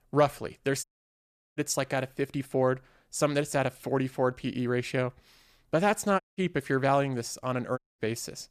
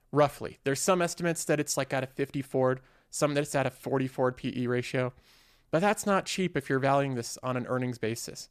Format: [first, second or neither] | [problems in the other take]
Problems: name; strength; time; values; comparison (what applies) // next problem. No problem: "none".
second | audio cutting out; at 1 s for 0.5 s, at 6 s and at 8 s